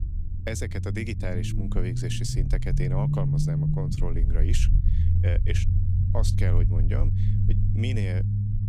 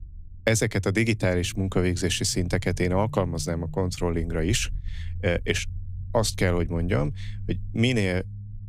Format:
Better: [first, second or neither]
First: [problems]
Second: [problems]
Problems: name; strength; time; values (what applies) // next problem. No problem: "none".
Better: second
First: low rumble; loud; throughout; 2 dB below the speech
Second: low rumble; faint; throughout; 25 dB below the speech